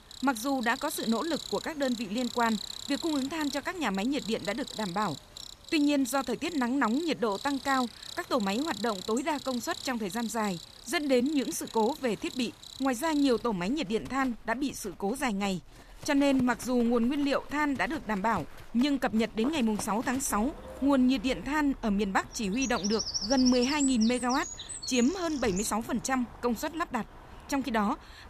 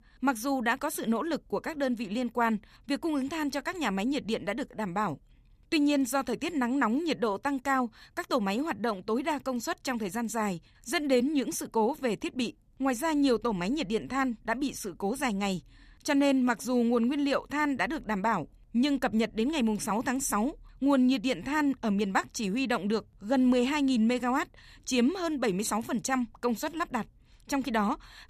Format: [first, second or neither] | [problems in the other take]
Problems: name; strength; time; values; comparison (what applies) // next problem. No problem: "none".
second | animal sounds; noticeable; throughout; 10 dB below the speech